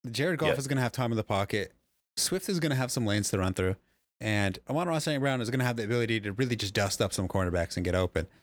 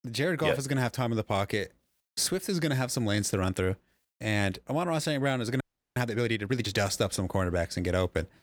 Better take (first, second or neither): first